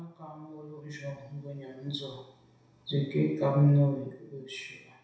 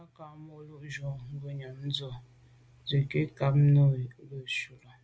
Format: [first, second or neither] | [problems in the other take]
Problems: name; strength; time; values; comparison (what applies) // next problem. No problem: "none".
second | room echo; dies away in 0.7 s